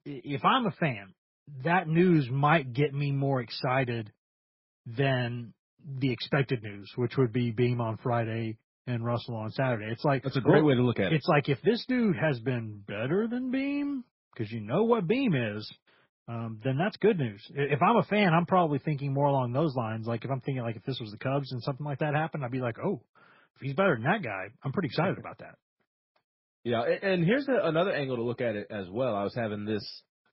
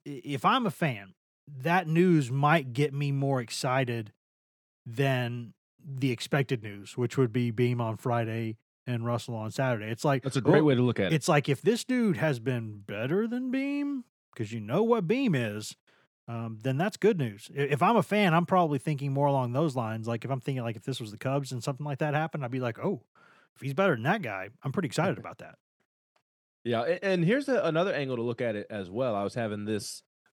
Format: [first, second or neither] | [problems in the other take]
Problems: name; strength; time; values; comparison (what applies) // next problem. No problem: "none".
second | garbled, watery; badly; nothing above 5.5 kHz